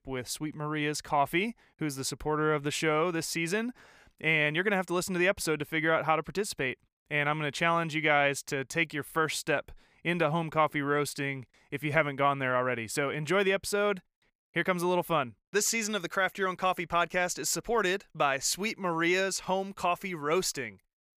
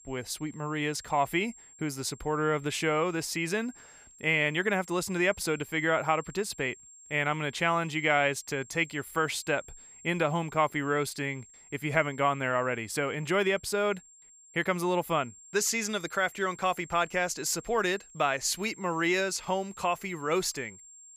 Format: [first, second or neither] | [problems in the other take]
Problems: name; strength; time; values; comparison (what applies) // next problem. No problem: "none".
first | high-pitched whine; faint; throughout; 7.5 kHz, 20 dB below the speech